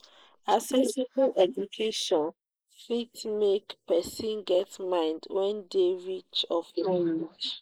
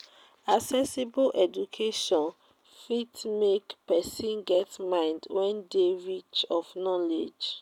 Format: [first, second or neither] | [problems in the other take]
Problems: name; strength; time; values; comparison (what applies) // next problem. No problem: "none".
second | noise reduction (neural mask model Resemble Enhance denoiser)